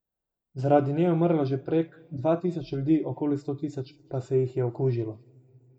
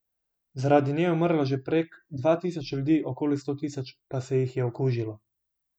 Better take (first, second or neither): second